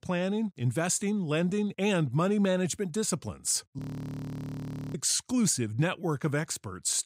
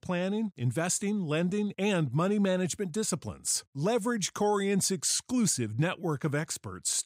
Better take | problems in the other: second | audio freezing; at 4 s for 1 s

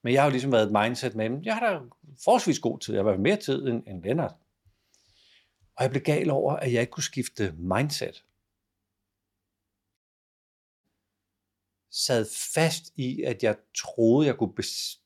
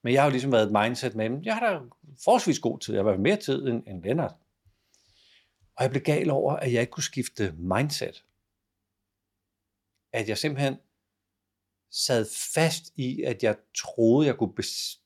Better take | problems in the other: second | audio cutting out; at 10 s for 1 s

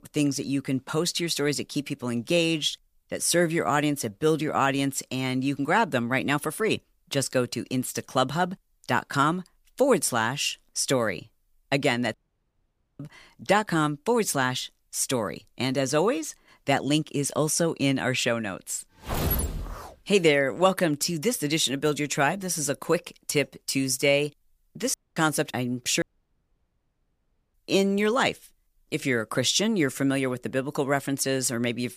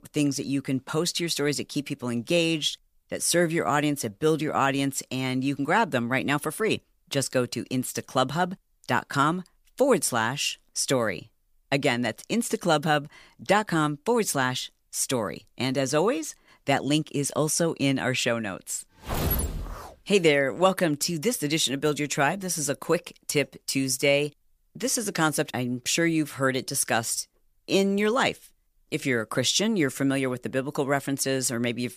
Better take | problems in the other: second | audio cutting out; at 12 s for 1 s, at 25 s and at 26 s for 1.5 s

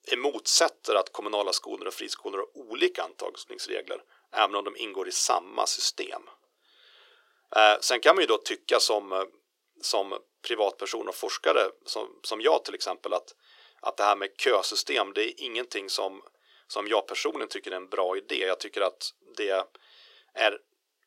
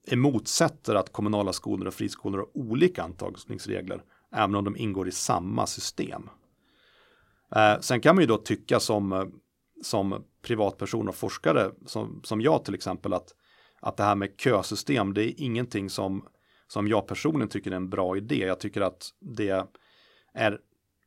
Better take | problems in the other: second | thin; very; fading below 400 Hz

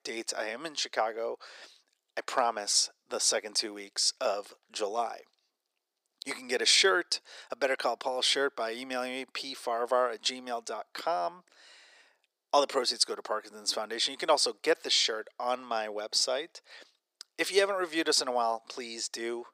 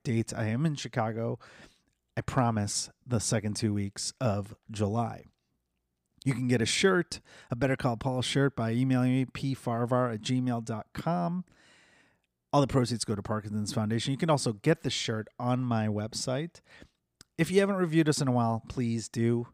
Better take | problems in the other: second | thin; very; fading below 400 Hz

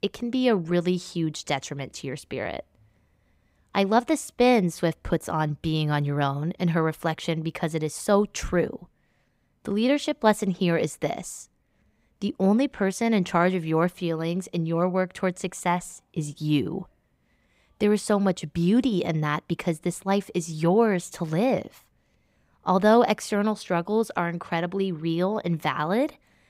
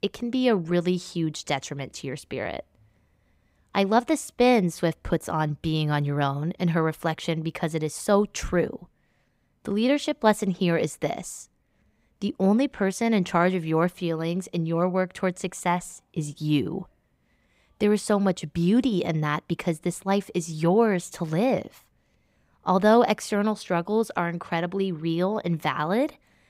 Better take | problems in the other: neither | none

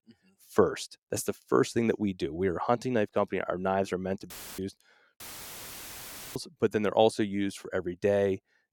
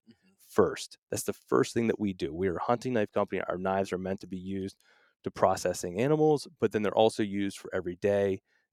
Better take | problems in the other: second | audio cutting out; filled with static; at 4.5 s and at 5 s for 1 s

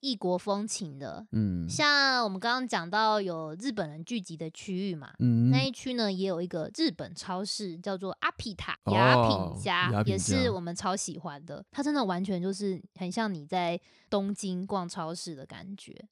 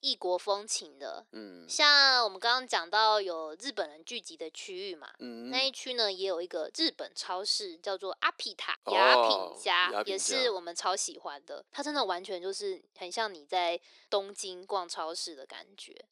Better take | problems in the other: first | thin; very; fading below 350 Hz

